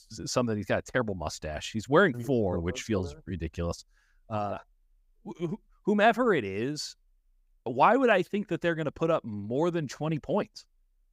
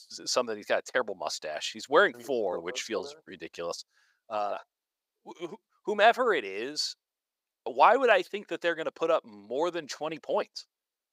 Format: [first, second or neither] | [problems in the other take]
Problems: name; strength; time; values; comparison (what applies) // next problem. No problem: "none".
first | thin; somewhat; fading below 550 Hz